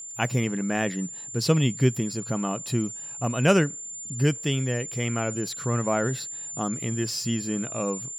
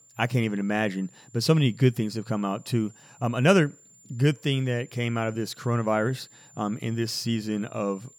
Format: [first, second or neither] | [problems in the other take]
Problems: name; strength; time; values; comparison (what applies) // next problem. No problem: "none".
second | high-pitched whine; loud; throughout; 7 kHz, 7 dB below the speech; faint in the second